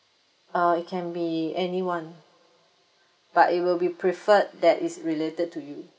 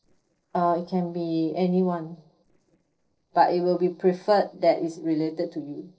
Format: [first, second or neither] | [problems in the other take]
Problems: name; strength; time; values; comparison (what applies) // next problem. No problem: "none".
first | noise reduction (neural separator model SepFormer DNS4)